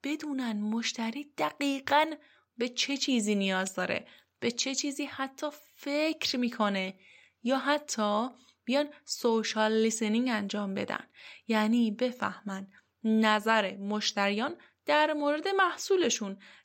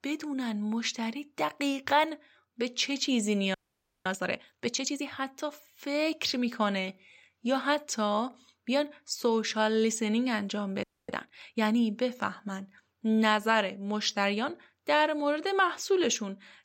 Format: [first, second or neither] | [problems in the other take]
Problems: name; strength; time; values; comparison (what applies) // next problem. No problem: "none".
first | audio freezing; at 3.5 s for 0.5 s and at 11 s